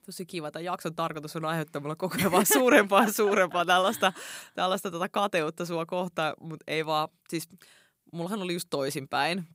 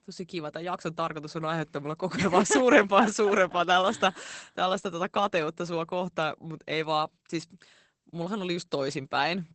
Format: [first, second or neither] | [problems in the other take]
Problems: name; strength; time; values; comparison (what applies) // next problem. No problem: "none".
first | garbled, watery; badly; nothing above 8 kHz